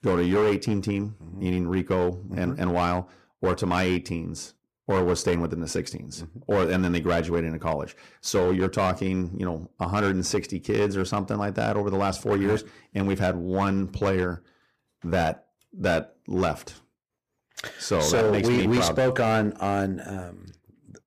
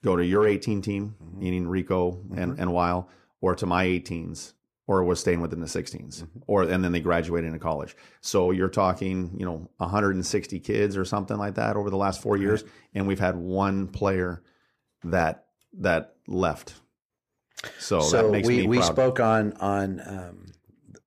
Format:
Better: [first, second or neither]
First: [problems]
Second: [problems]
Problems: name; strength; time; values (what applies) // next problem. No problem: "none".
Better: second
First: distortion; slight; 9% of the sound clipped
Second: none